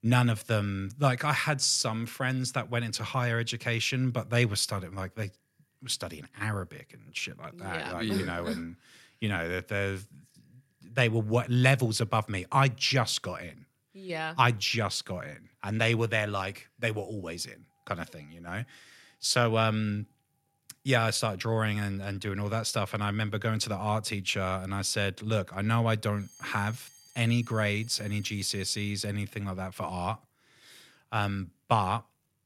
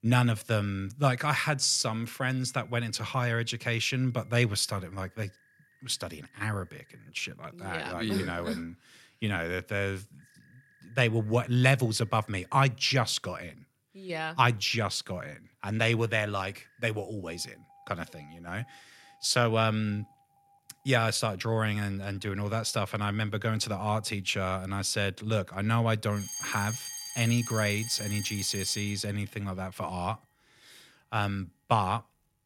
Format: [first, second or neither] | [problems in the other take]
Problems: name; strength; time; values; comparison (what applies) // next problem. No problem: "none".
first | alarms or sirens; loud; throughout; 8 dB below the speech; faint in the first